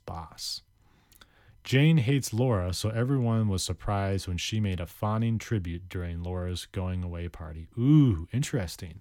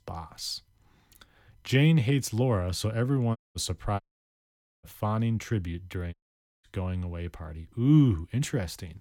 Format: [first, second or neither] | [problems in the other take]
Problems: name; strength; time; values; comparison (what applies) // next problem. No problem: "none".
first | audio cutting out; at 3.5 s, at 4 s for 1 s and at 6 s